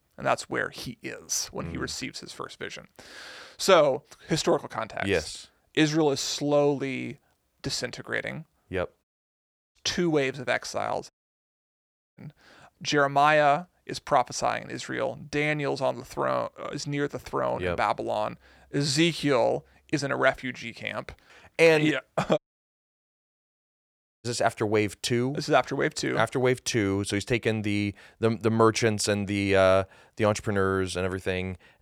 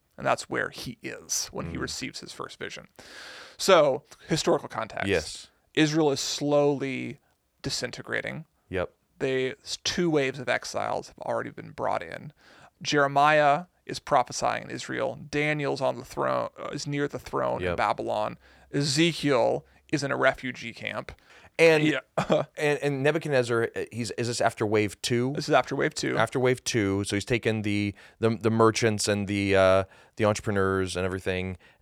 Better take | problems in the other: second | audio cutting out; at 9 s for 0.5 s, at 11 s for 1 s and at 22 s for 2 s

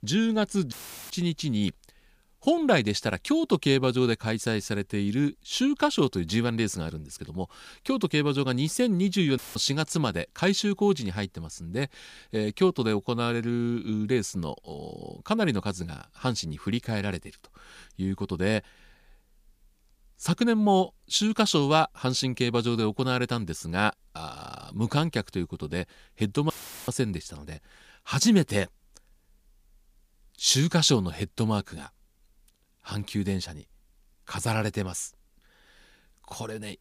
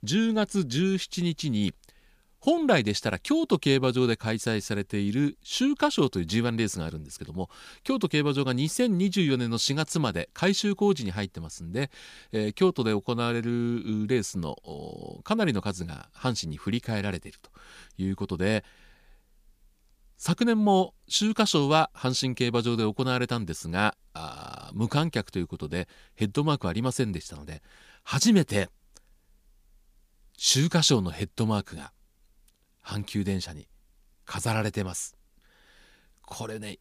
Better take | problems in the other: second | audio cutting out; filled with static; at 0.5 s, at 9.5 s and at 27 s

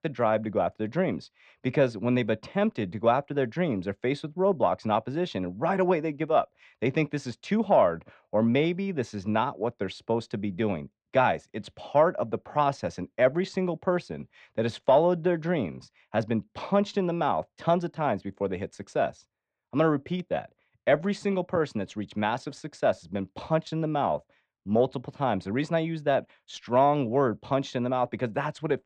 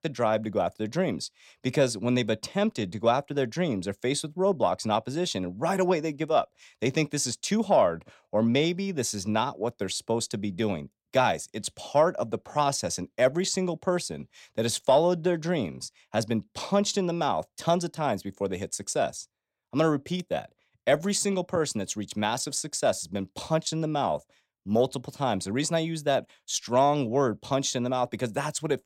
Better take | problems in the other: second | muffled; very; fading above 2 kHz

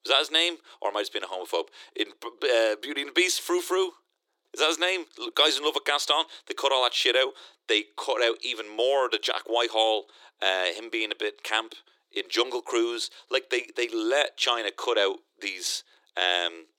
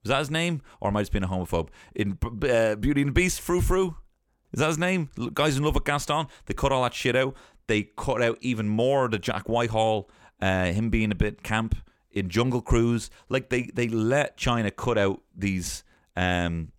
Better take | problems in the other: second | thin; very; fading below 350 Hz

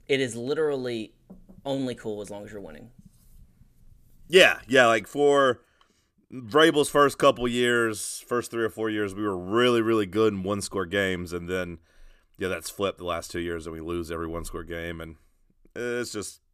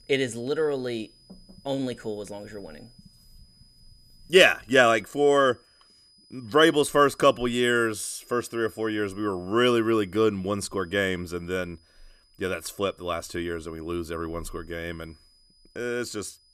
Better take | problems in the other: first | high-pitched whine; faint; throughout; 5 kHz, 30 dB below the speech

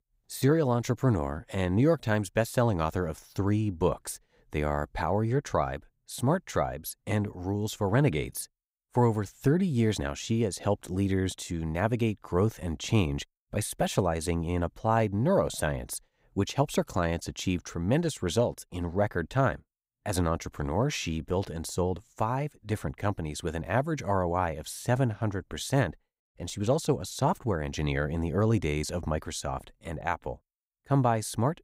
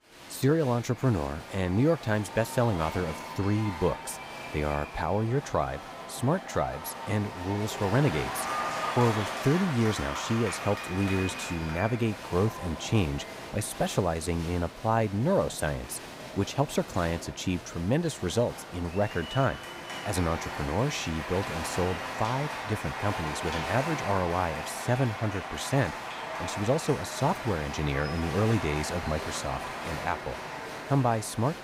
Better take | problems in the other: first | crowd noise; loud; throughout; 7 dB below the speech

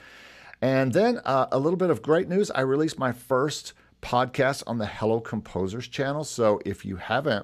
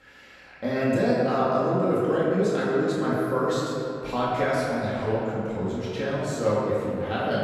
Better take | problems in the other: first | room echo; strong; dies away in 2.7 s // off-mic speech; far

